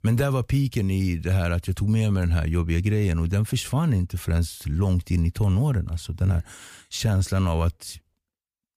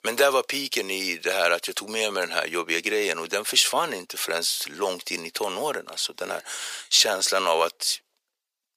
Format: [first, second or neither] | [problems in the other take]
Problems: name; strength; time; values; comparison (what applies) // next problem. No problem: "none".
first | thin; very; fading below 450 Hz